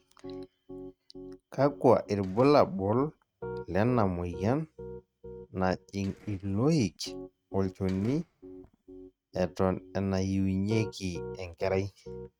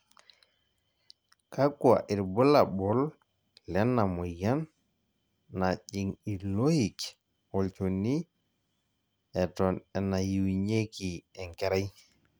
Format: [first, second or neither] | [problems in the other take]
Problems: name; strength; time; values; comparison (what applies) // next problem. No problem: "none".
second | noise reduction (neural mask model RNNoise)